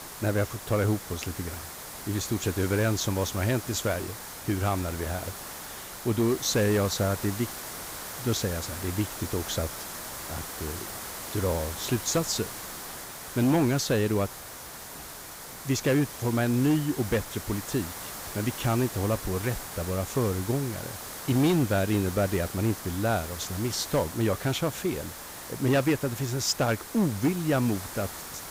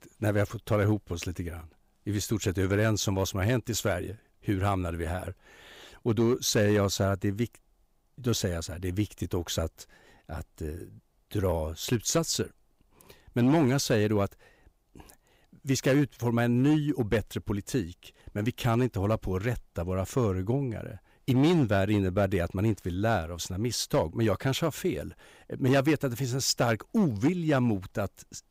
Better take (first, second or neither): second